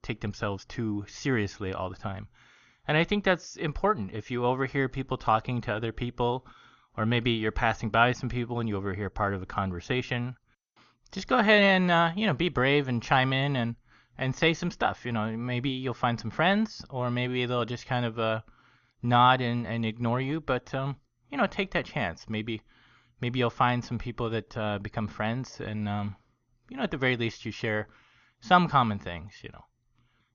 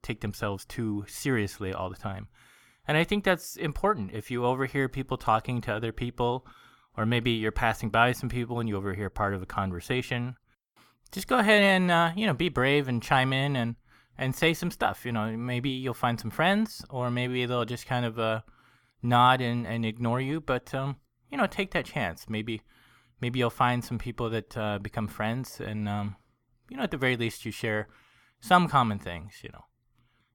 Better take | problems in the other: second | garbled, watery; slightly; nothing above 6.5 kHz

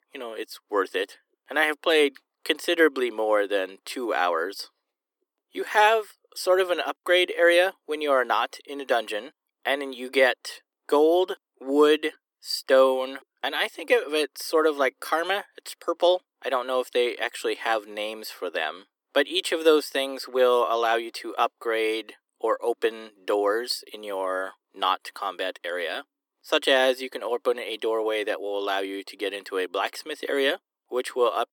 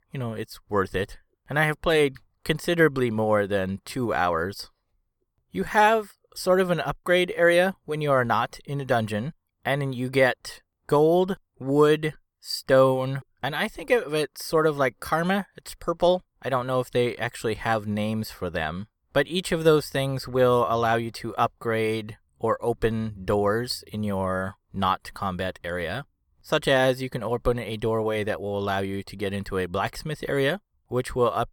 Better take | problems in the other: second | thin; somewhat; fading below 300 Hz

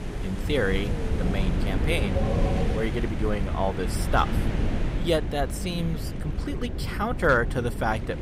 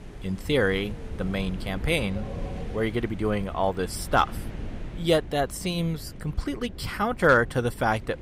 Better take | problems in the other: second | wind noise on the microphone; heavy; 8 dB below the speech; occasional gusts in the second

